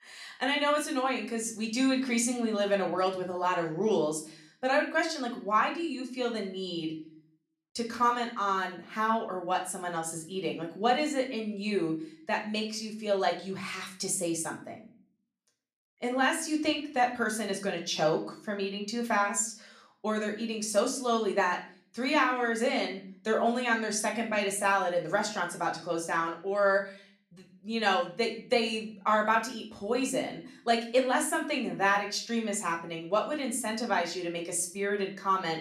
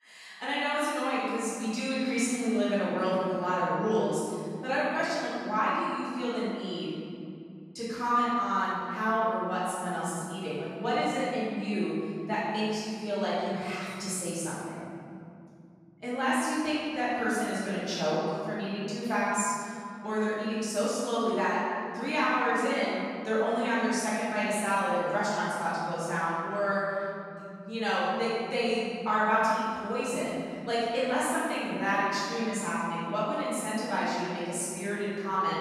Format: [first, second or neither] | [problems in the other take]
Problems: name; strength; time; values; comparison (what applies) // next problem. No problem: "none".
first | room echo; strong; dies away in 3 s; slight in the first // off-mic speech; far; somewhat distant in the first